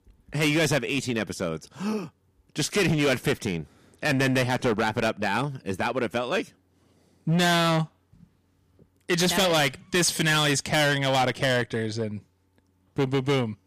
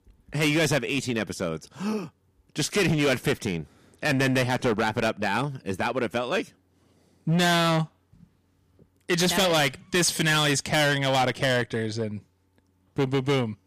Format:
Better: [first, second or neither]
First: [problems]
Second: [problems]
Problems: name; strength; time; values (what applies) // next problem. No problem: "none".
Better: neither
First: distortion; heavy; 12% of the sound clipped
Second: distortion; heavy; 12% of the sound clipped